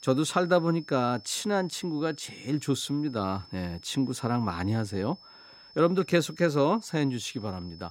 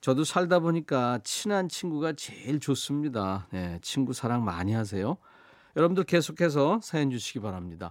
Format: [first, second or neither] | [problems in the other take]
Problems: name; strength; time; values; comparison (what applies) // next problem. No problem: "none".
second | high-pitched whine; faint; throughout; 5.5 kHz, 20 dB below the speech